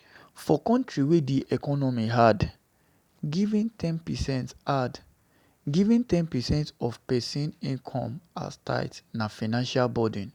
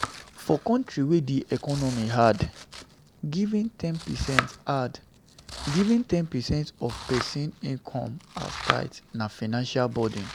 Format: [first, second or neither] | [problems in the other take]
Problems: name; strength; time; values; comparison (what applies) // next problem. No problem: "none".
first | background sound (Domestic sounds, home sounds); 10 dB below the speech